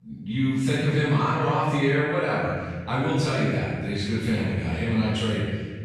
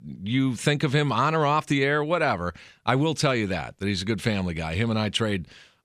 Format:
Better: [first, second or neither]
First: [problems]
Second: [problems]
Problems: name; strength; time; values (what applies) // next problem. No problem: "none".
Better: second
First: room echo; strong; dies away in 1.8 s // off-mic speech; far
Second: none